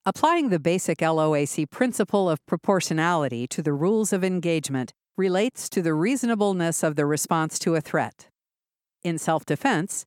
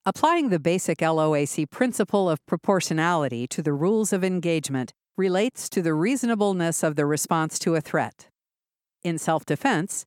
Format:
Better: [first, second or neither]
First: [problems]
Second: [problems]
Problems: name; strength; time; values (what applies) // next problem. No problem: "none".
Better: neither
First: none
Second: none